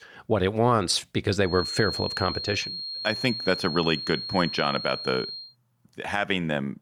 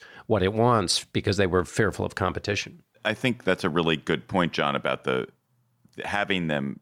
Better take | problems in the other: second | high-pitched whine; loud; from 1.5 to 5.5 s; 4.5 kHz, 6 dB below the speech

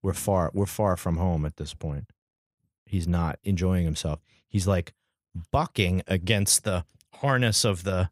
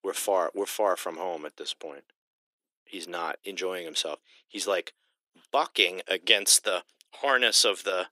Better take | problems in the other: first | thin; very; fading below 300 Hz

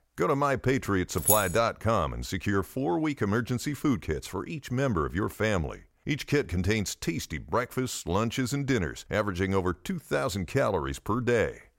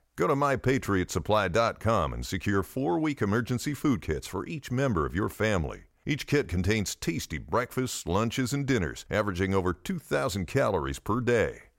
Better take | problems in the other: second | jangling keys; loud; at 1 s; peak 4 dB above the speech

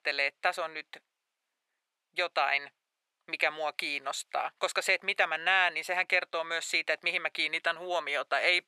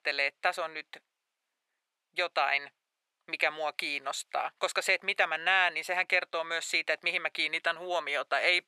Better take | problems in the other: neither | thin; very; fading below 750 Hz; the same in both

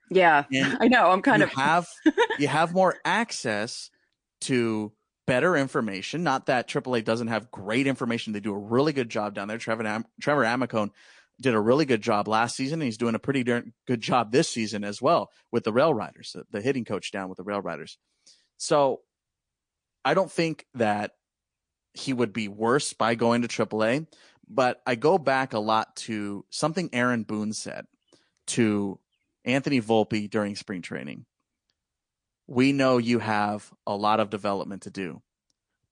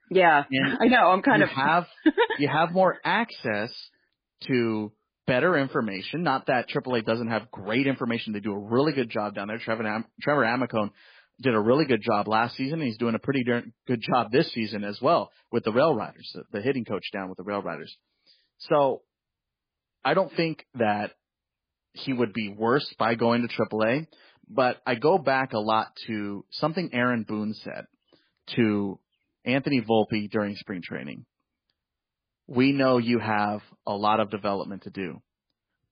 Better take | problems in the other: first | garbled, watery; badly; nothing above 4.5 kHz; slightly in the first

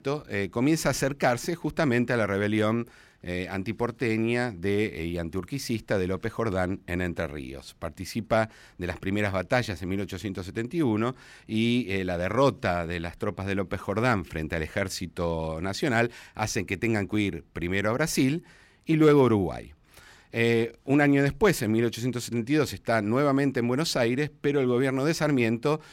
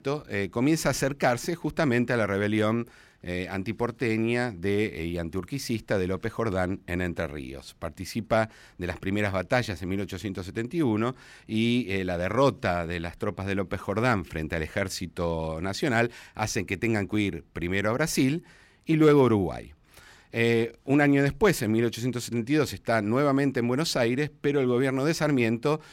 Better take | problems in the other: neither | none

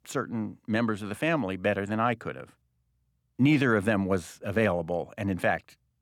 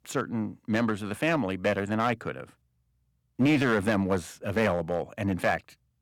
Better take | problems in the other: first | distortion; slight; 4% of the sound clipped

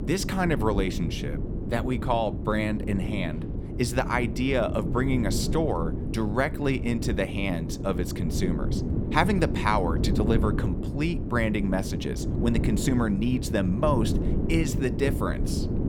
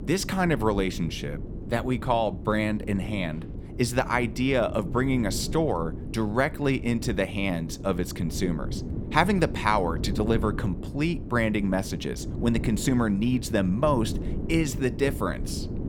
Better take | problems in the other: second | wind noise on the microphone; heavy; 8 dB below the speech; occasional gusts in the second

